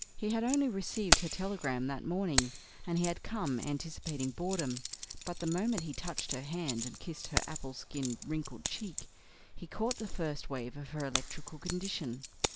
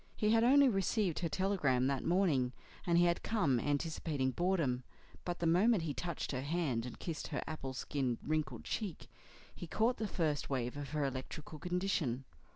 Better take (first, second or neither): second